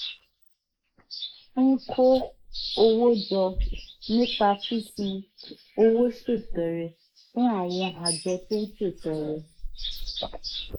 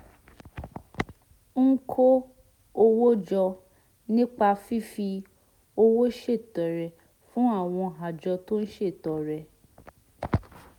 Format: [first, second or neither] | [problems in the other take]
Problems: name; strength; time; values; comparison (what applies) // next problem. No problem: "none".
second | noise reduction (neural mask model Resemble Enhance denoiser)